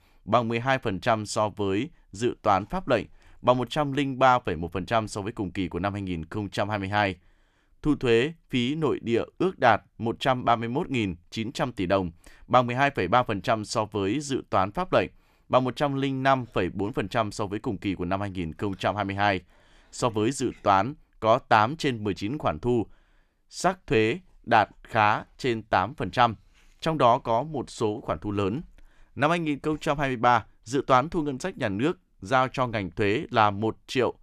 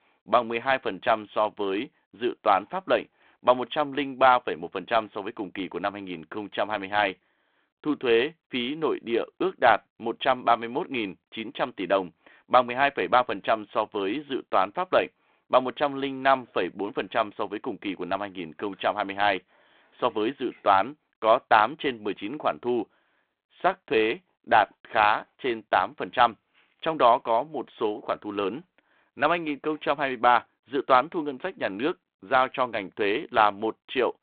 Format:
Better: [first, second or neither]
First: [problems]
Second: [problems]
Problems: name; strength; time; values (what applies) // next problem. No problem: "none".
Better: first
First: none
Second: phone-call audio; nothing above 3.5 kHz